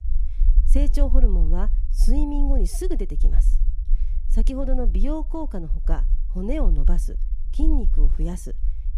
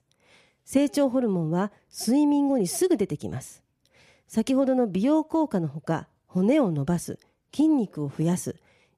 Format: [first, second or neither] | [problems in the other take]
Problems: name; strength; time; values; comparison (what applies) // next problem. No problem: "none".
second | low rumble; noticeable; throughout; 15 dB below the speech